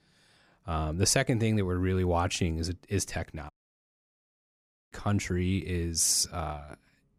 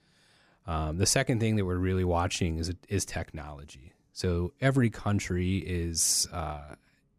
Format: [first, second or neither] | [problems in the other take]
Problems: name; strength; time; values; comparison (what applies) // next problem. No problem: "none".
second | audio cutting out; at 3.5 s for 1.5 s